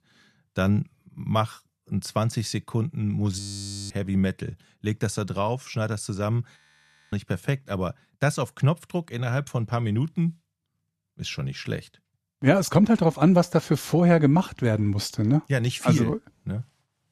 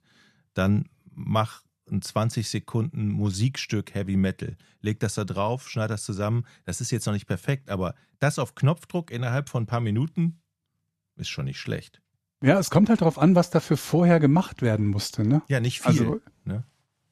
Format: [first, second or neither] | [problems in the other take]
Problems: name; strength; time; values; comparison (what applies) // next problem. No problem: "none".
second | audio freezing; at 3.5 s for 0.5 s and at 6.5 s for 0.5 s